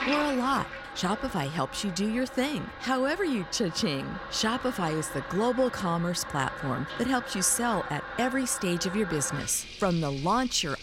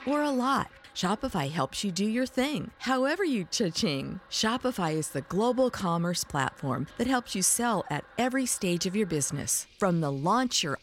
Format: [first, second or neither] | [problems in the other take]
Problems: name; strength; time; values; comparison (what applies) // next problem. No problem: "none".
second | household noises; loud; throughout; 10 dB below the speech; faint in the second